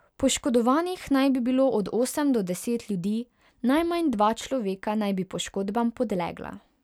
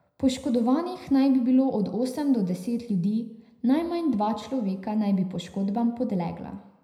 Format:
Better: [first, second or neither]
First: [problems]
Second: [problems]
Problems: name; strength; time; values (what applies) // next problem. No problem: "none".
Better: first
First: none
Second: room echo; dies away in 0.8 s